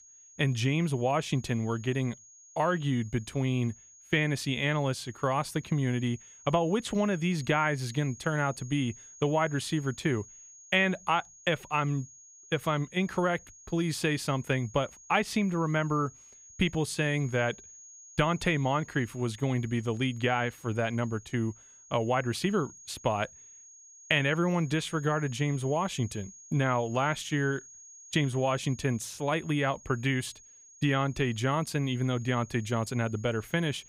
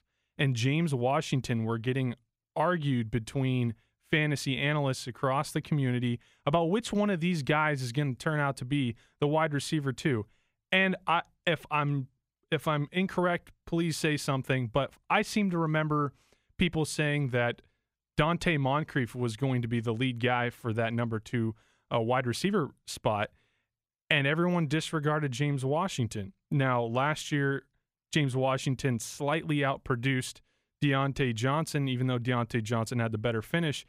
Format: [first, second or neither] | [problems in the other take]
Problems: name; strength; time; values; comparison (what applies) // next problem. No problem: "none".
second | high-pitched whine; faint; throughout; 6.5 kHz, 20 dB below the speech